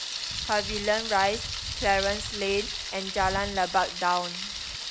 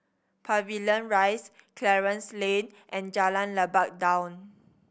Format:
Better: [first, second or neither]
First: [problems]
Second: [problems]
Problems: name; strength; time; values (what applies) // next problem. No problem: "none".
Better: second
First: background sound (Thunder); 5 dB below the speech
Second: none